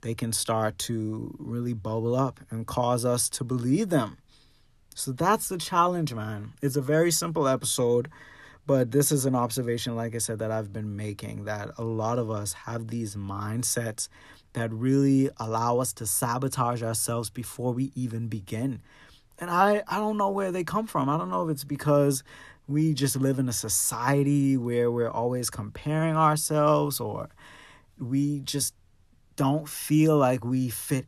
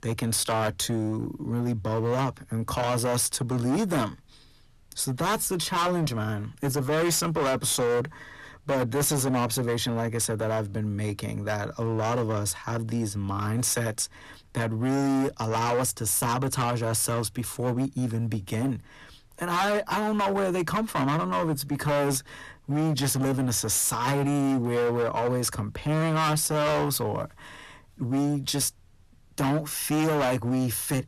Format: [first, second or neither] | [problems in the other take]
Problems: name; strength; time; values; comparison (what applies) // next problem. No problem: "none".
first | distortion; heavy; 19% of the sound clipped